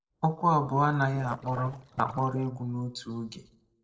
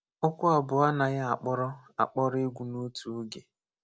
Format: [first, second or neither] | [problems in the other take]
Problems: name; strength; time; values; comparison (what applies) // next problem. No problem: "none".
second | noise reduction (neural separator model SepFormer DNS4)